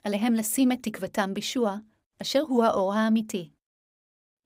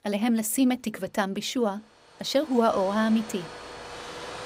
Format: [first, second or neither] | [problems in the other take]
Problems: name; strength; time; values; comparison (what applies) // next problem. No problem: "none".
first | household noises; noticeable; throughout; 15 dB below the speech